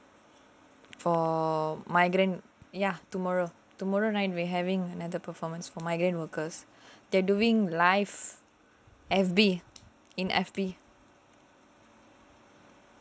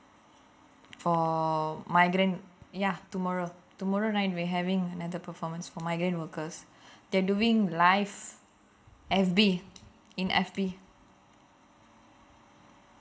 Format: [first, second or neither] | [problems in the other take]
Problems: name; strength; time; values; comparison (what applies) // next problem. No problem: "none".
first | room echo; dies away in 0.4 s